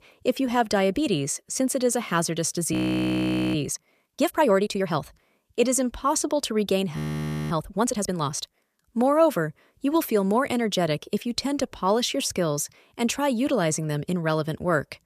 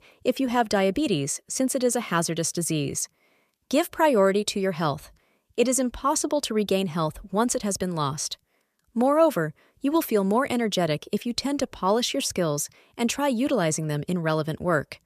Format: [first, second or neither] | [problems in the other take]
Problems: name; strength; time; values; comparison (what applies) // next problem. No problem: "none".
second | audio freezing; at 2.5 s for 1 s and at 7 s for 0.5 s